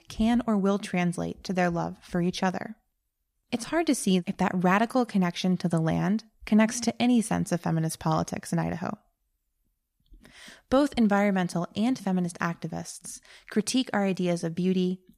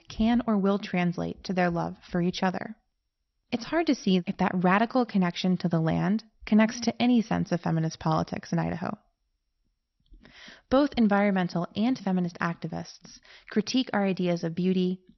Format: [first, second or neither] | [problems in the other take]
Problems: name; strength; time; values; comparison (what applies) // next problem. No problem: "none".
first | garbled, watery; slightly; nothing above 6 kHz